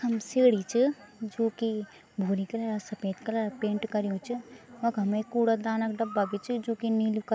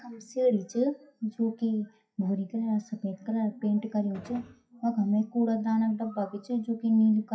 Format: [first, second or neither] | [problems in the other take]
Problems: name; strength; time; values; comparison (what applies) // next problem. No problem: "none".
first | noise reduction (classical method WPE with log-MMSE)